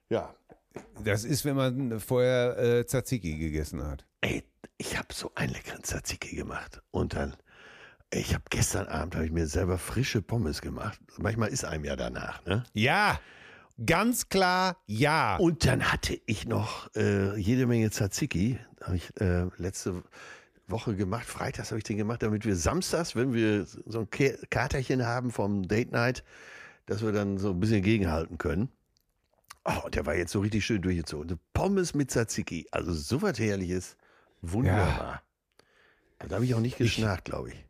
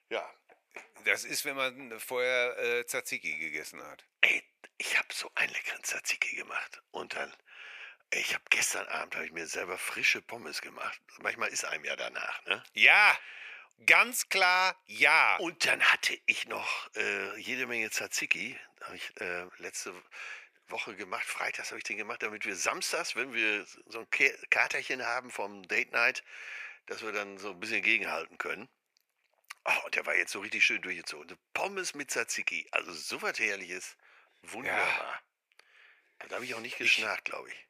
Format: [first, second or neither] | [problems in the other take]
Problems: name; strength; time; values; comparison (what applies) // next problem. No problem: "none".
first | thin; very; fading below 650 Hz